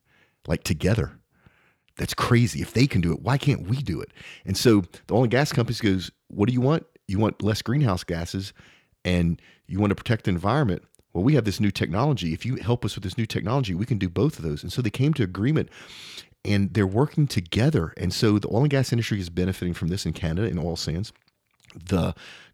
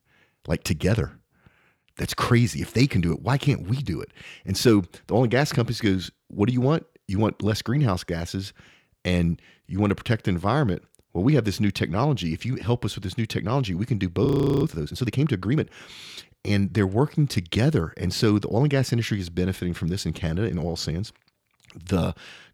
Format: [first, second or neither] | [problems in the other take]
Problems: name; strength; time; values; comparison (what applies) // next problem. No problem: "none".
first | audio freezing; at 14 s